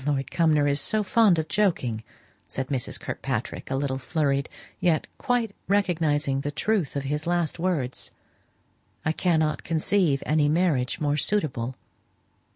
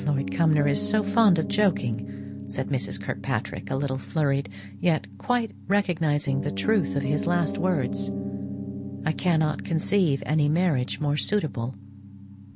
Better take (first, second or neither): first